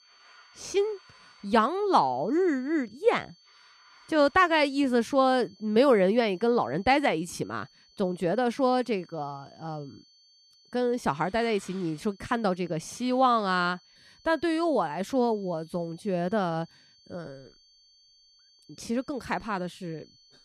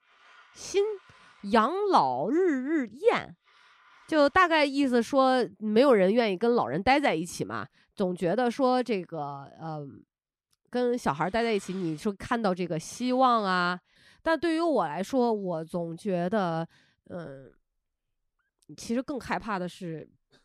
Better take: second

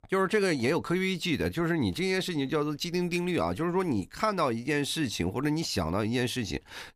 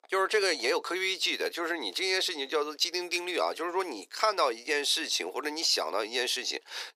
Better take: first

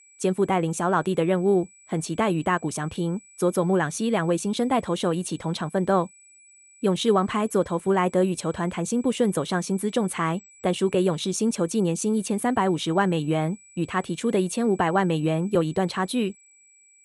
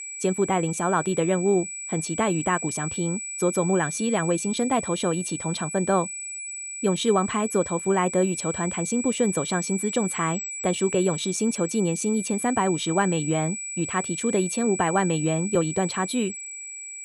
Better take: first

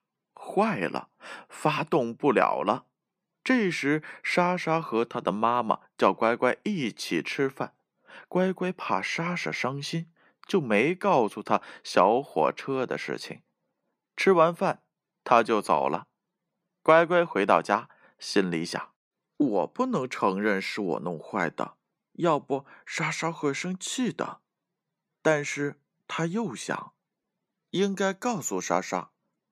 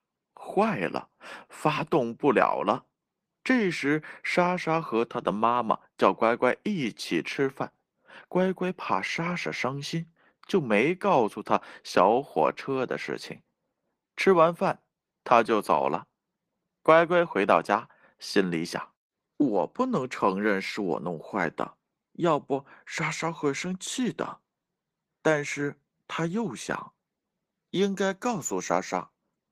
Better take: first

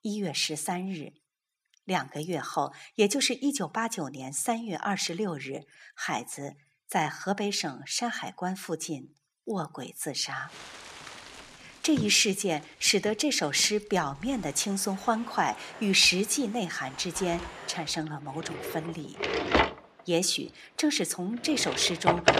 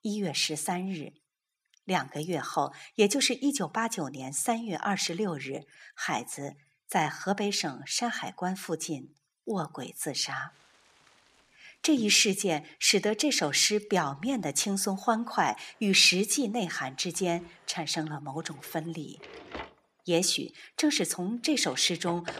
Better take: second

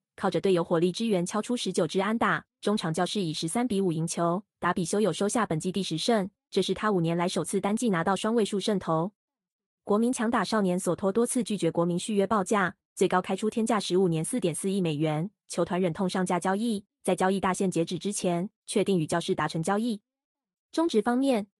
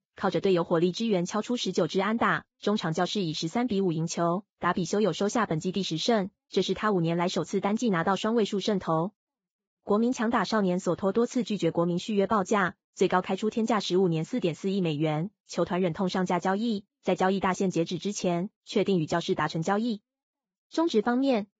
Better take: first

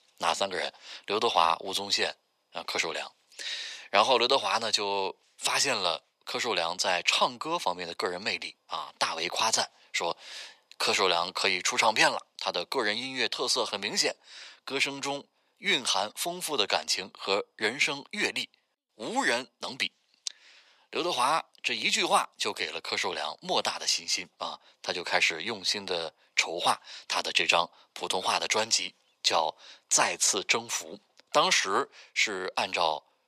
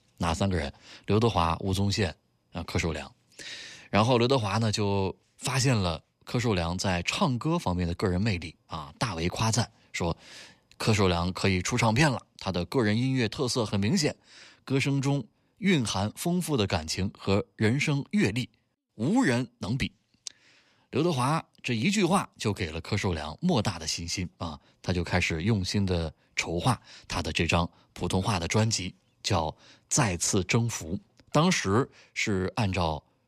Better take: second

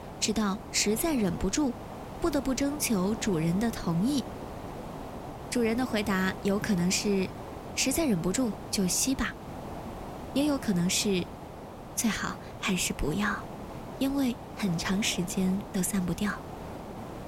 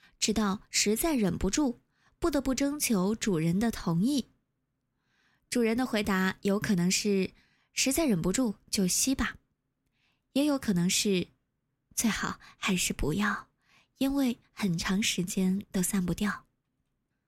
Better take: second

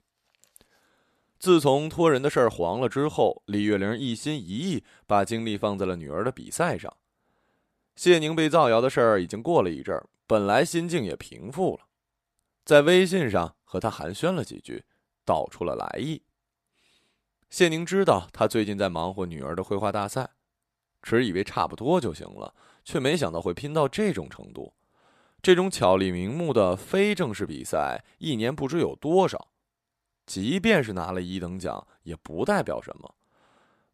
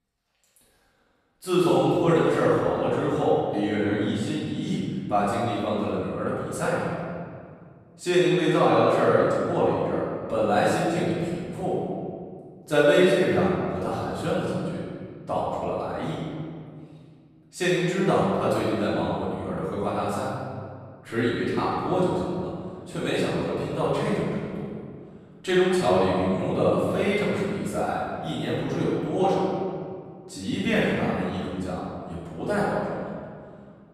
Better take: first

